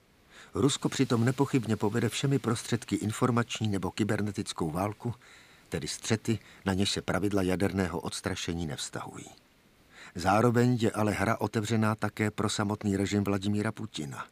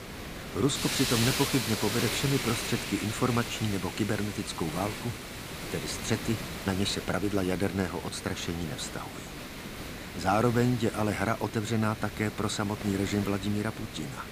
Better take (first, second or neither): first